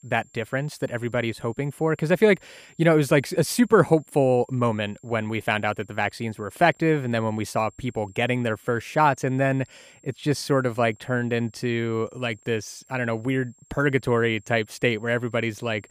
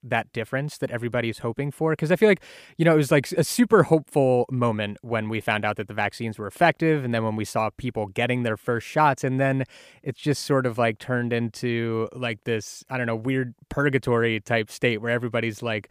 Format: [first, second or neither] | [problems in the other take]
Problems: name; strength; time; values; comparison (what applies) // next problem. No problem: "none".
second | high-pitched whine; faint; throughout; 7.5 kHz, 30 dB below the speech